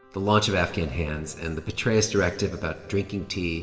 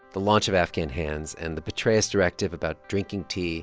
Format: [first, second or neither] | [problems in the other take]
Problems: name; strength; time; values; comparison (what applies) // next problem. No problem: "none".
second | room echo; dies away in 1.6 s